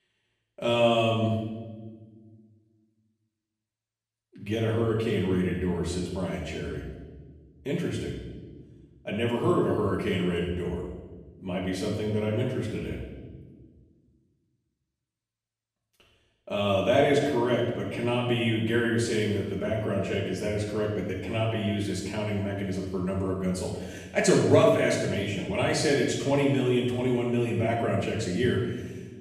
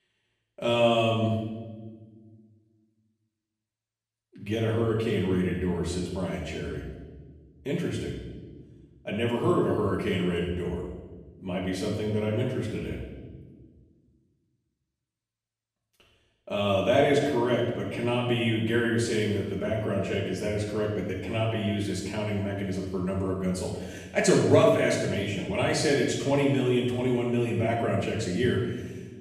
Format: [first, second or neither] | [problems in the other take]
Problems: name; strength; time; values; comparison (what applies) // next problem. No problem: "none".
neither | off-mic speech; far; the same in both // room echo; noticeable; dies away in 1.1 s; the same in both